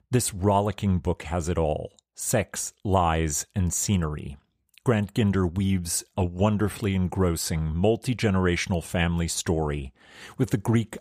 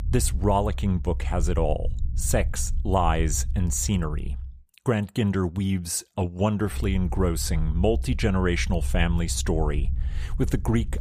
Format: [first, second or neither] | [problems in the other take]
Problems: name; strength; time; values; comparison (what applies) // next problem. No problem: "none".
first | low rumble; faint; until 4.5 s and from 6.5 s on; 20 dB below the speech